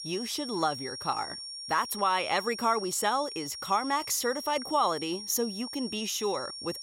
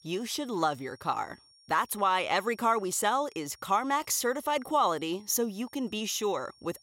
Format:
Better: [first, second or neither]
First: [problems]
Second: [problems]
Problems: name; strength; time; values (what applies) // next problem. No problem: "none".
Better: second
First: high-pitched whine; loud; throughout; 5.5 kHz, 8 dB below the speech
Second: high-pitched whine; faint; throughout; 5.5 kHz, 30 dB below the speech